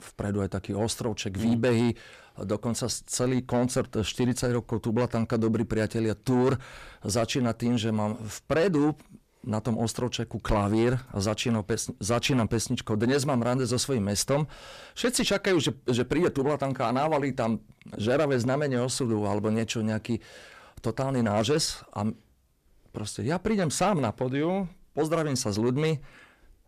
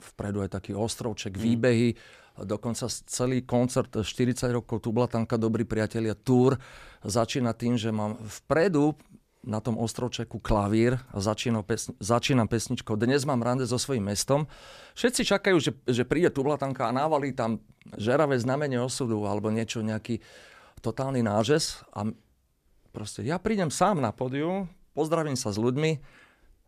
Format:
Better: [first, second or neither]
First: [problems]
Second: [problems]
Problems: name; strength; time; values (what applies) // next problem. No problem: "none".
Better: second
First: distortion; slight; 10 dB below the speech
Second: none